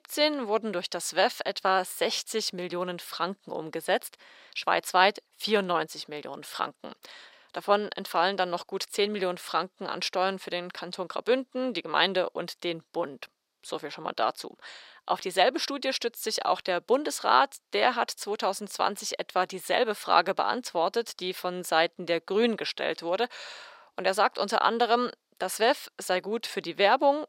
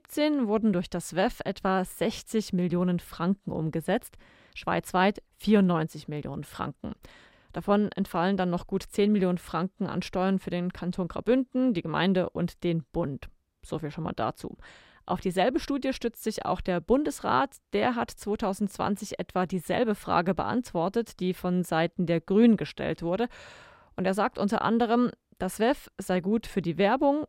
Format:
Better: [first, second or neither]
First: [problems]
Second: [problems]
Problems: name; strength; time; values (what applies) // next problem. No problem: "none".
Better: second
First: thin; somewhat; fading below 500 Hz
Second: none